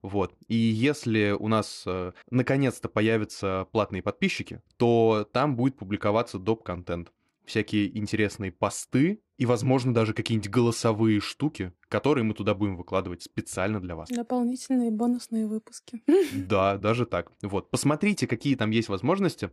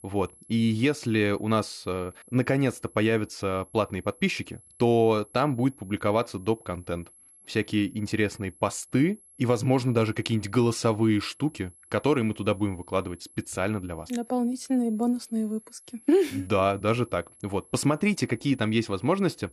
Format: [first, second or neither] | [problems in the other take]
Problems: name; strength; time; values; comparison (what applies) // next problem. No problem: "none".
first | high-pitched whine; faint; throughout; 11 kHz, 25 dB below the speech